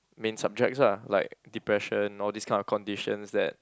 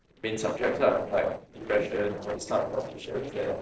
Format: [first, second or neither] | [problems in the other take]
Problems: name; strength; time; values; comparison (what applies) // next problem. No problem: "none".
first | noise reduction (neural separator model SepFormer DNS4)